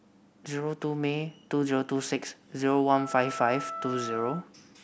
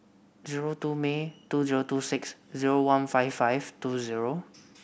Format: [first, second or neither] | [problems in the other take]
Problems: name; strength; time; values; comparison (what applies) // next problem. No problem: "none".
second | background sound (Wind instrument, woodwind instrument); 9 dB below the speech